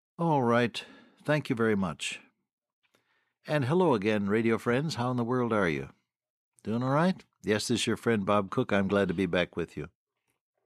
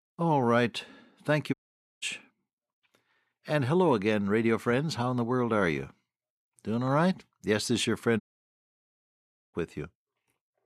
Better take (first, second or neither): first